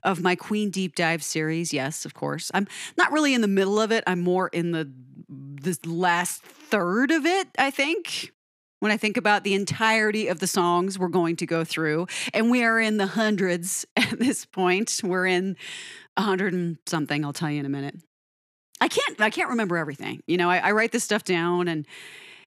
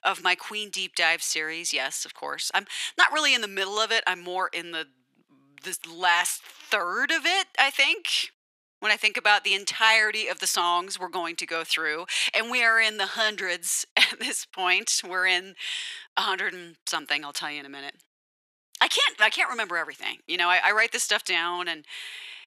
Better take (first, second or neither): first